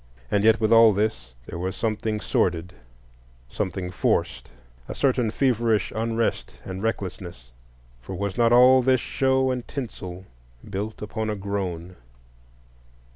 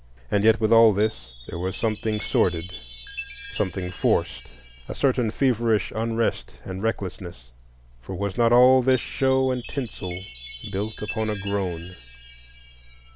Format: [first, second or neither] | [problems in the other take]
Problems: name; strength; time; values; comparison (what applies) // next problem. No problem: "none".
first | background sound (Chime); 18 dB below the speech